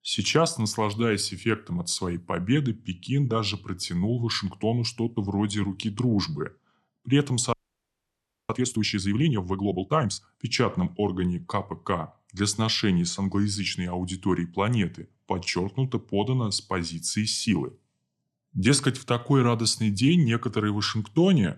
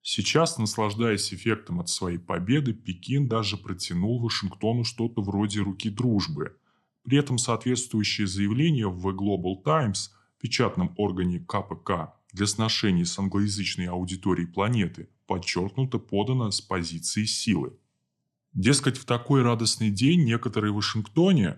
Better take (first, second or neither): second